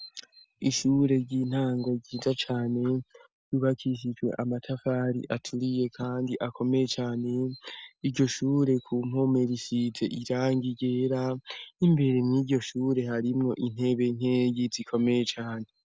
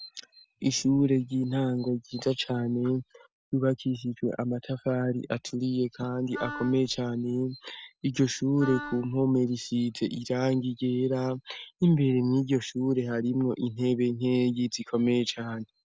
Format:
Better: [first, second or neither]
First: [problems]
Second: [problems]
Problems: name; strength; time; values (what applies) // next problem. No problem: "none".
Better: first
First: none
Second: background sound (Wind instrument, woodwind instrument); 13 dB below the speech